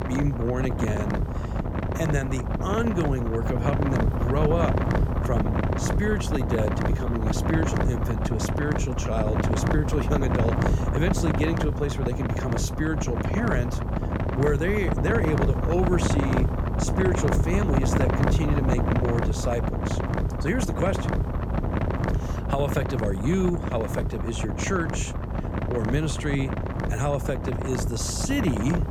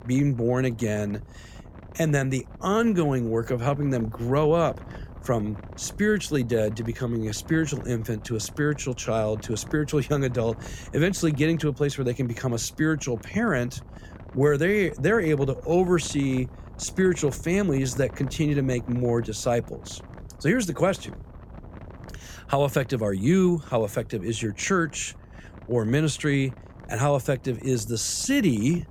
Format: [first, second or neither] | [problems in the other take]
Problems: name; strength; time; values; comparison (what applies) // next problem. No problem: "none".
second | wind noise on the microphone; heavy; 1 dB below the speech; occasional gusts in the second